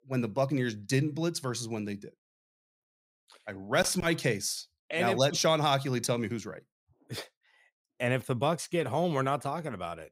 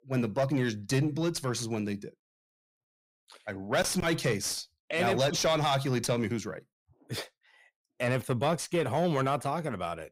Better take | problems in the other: first | distortion; slight; 10 dB below the speech

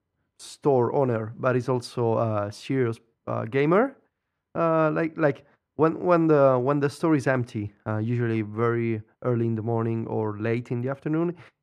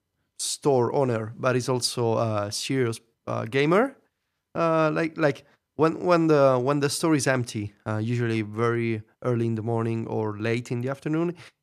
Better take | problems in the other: second | muffled; slightly; fading above 3 kHz

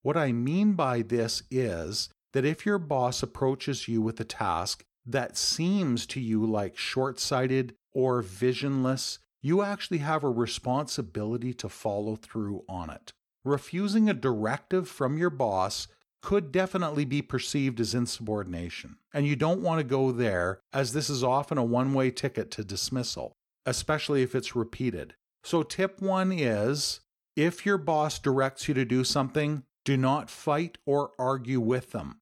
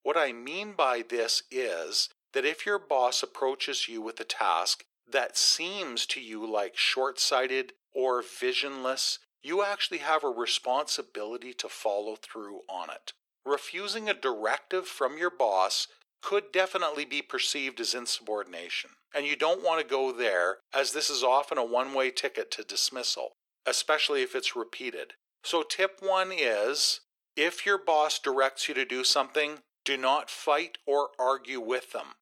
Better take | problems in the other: first | thin; very; fading below 400 Hz

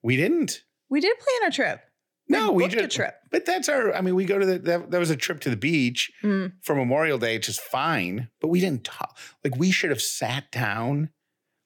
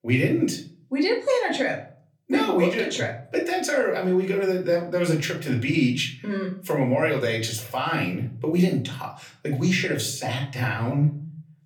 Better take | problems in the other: first | room echo; slight; dies away in 0.4 s // off-mic speech; far

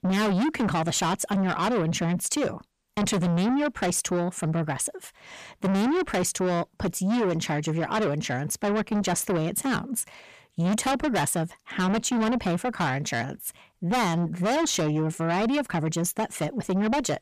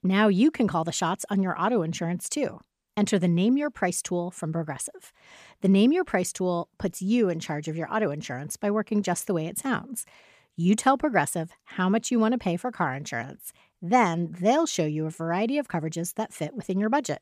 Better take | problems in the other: second | distortion; heavy; 6 dB below the speech

